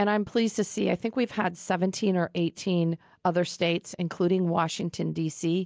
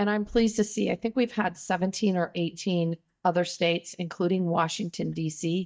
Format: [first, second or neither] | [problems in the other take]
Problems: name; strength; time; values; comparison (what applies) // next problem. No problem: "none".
first | noise reduction (neural mask model DeepFilterNet 3)